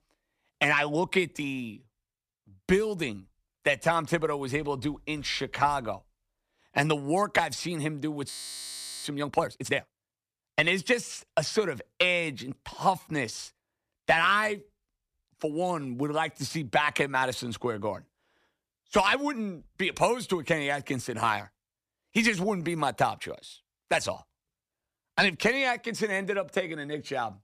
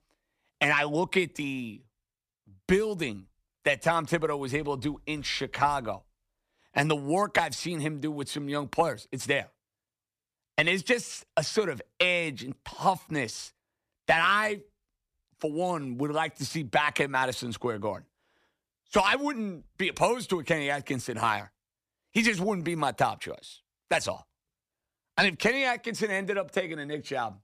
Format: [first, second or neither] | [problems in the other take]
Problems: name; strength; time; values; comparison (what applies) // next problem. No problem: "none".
second | audio freezing; at 8.5 s for 0.5 s